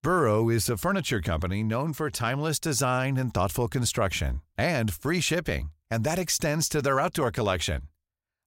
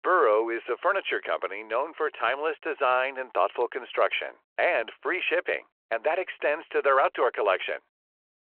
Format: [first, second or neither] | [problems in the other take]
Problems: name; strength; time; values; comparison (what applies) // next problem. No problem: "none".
first | phone-call audio